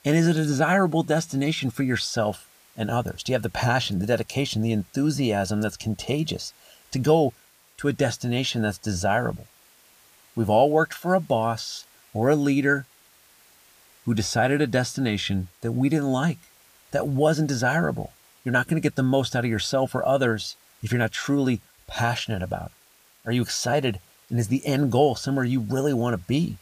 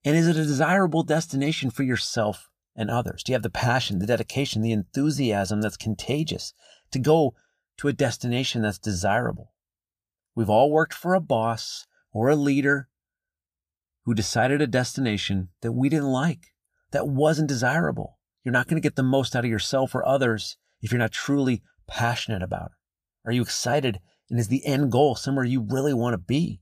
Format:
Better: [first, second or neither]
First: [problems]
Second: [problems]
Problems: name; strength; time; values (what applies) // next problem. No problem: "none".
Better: second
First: hiss; faint; throughout; 30 dB below the speech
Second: none